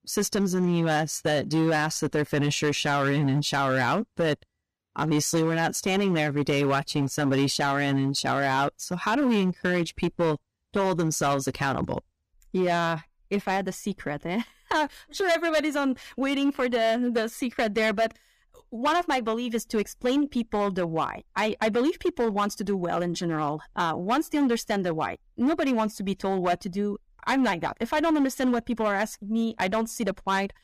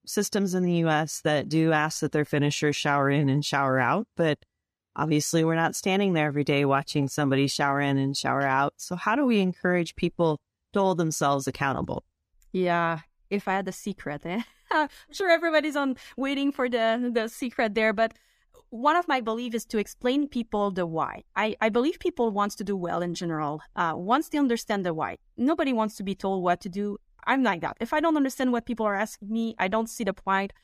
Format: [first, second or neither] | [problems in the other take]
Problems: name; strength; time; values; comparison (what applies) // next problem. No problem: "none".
second | distortion; slight; 8% of the sound clipped